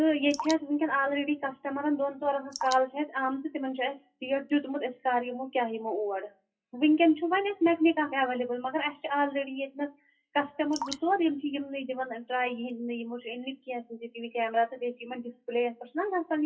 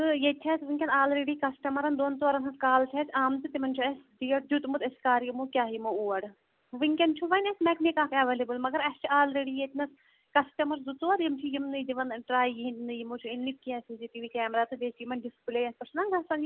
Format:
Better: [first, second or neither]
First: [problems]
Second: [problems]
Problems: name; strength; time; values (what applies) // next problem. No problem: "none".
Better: second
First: noise reduction (classical method WPE with log-MMSE)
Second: none